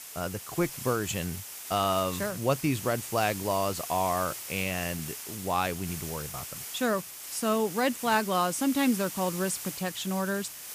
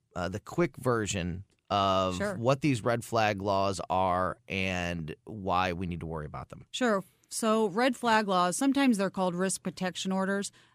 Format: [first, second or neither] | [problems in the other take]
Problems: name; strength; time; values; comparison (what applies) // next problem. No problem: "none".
second | hiss; loud; throughout; 8 dB below the speech